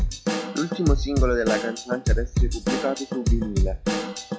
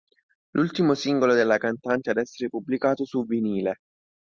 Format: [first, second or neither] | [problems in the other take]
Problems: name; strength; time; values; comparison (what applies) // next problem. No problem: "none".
second | noise reduction (classical method log-MMSE)